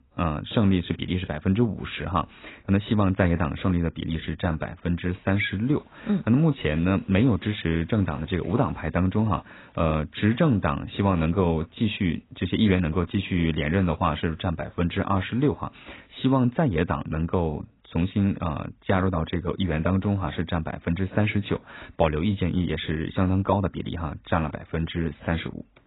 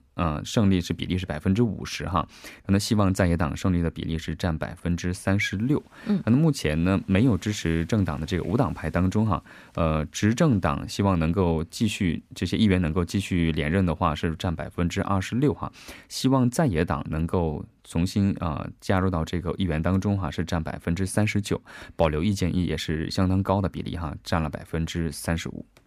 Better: second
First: garbled, watery; badly; nothing above 4 kHz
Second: none

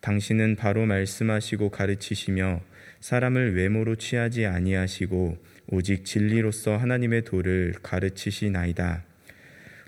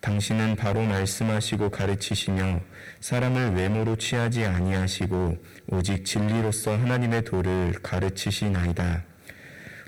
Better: first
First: none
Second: distortion; heavy; 18% of the sound clipped

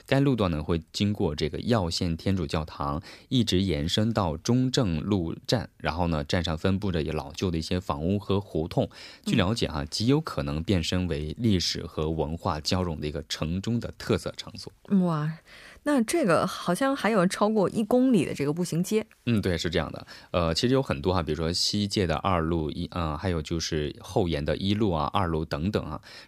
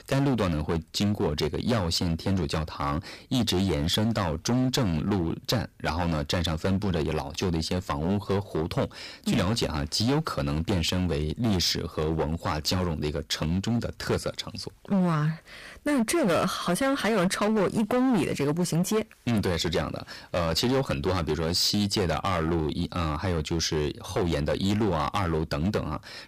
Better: first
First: none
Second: distortion; heavy; 14% of the sound clipped

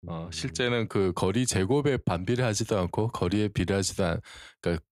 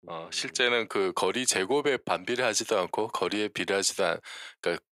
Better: first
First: none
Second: thin; somewhat; fading below 450 Hz

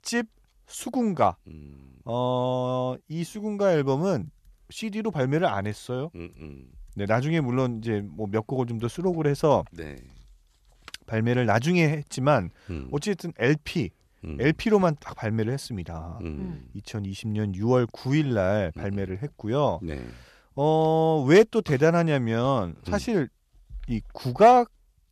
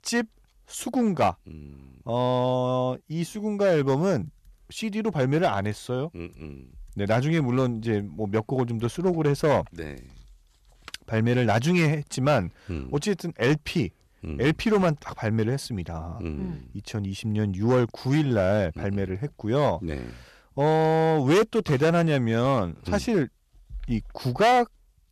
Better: first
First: none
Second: distortion; slight; 4% of the sound clipped

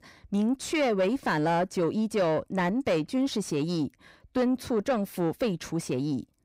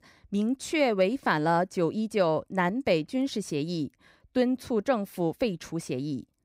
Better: second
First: distortion; slight; 10 dB below the speech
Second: none

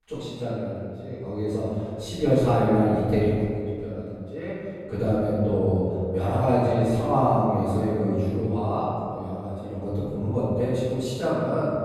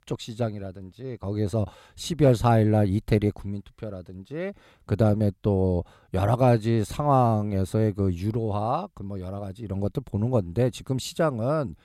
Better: second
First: off-mic speech; far // room echo; strong; dies away in 2.1 s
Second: none

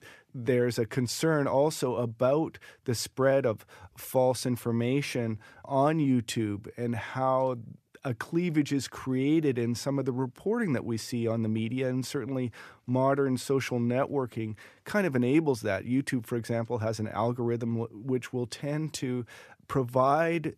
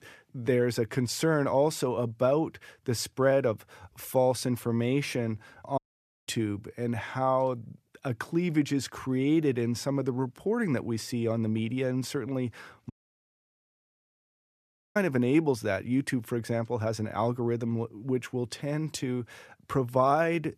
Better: first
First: none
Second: audio cutting out; at 6 s and at 13 s for 2 s

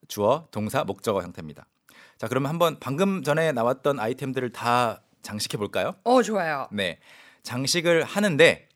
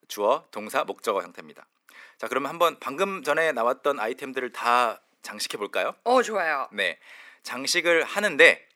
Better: first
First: none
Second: thin; somewhat; fading below 300 Hz

